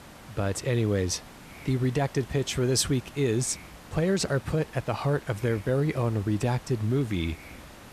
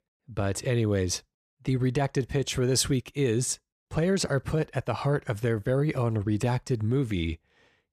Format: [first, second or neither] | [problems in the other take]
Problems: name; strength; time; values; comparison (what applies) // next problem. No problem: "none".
second | hiss; noticeable; throughout; 20 dB below the speech